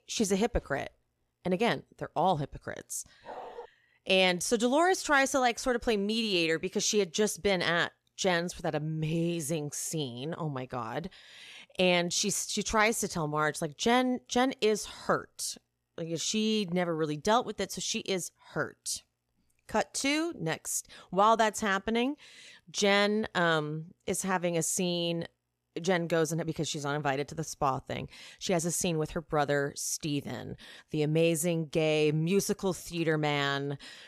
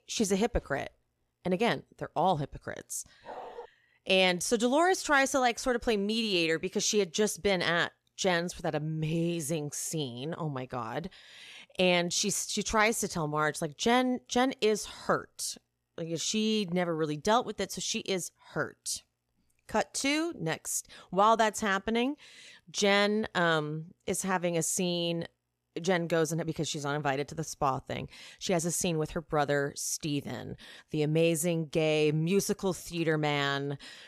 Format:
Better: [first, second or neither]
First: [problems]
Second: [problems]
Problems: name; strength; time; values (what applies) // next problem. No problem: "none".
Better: neither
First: dog barking; faint; at 3.5 s; peak 15 dB below the speech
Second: dog barking; faint; at 3.5 s; peak 15 dB below the speech